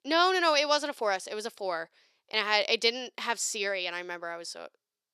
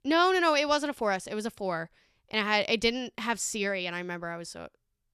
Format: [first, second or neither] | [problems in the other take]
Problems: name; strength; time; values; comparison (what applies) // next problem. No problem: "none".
second | thin; somewhat; fading below 450 Hz